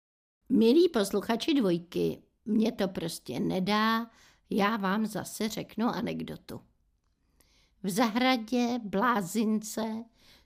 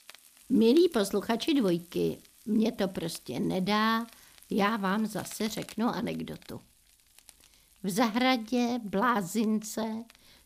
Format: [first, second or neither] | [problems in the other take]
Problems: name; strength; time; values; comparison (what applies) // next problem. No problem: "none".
first | household noises; faint; throughout; 25 dB below the speech